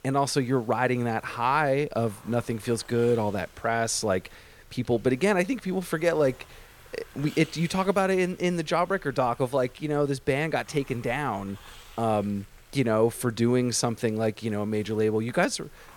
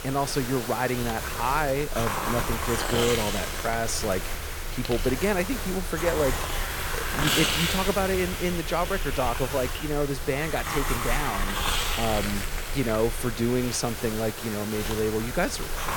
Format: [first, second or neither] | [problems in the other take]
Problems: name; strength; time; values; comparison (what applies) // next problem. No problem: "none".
first | hiss; loud; throughout; 2 dB below the speech; faint in the first